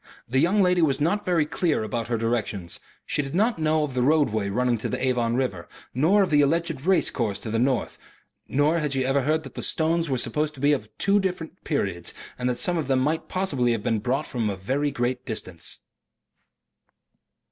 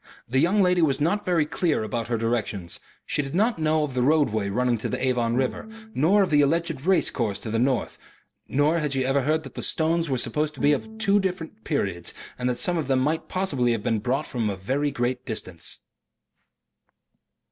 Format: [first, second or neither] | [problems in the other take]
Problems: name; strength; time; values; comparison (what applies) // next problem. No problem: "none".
first | background sound (Bowed string instrument); 17 dB below the speech